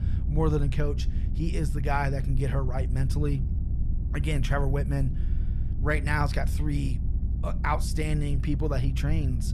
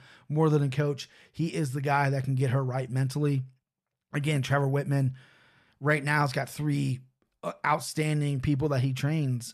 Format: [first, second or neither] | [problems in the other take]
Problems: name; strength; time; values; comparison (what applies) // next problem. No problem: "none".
second | low rumble; noticeable; throughout; 15 dB below the speech